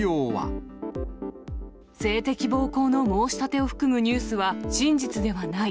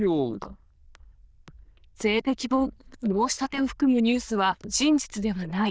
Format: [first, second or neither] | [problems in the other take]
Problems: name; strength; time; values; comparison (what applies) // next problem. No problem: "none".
first | noise reduction (neural diffusion model UNIVERSE++)